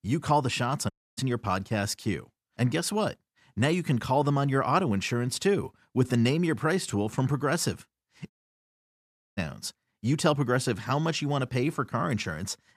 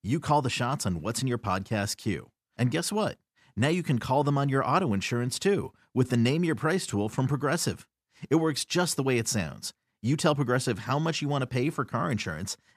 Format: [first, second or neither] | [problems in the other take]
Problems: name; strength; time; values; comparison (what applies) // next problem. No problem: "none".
second | audio cutting out; at 1 s and at 8.5 s for 1 s